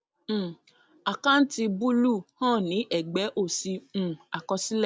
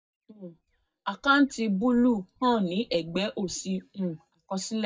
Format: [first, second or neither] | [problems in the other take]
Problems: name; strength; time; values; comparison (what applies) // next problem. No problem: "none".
first | noise reduction (neural mask model DeepFilterNet 3)